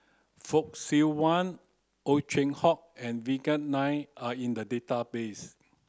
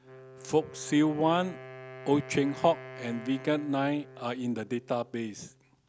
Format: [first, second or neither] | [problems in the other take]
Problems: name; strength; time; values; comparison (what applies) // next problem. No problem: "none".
first | background sound (Wind instrument, woodwind instrument); 16 dB below the speech